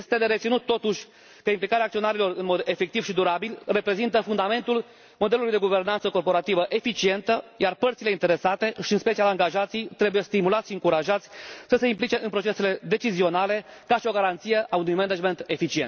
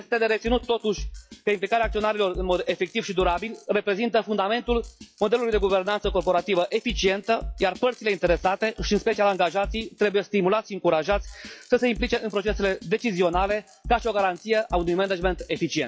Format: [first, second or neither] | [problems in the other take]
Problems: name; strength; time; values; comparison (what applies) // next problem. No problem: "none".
first | noise reduction (classical method log-MMSE)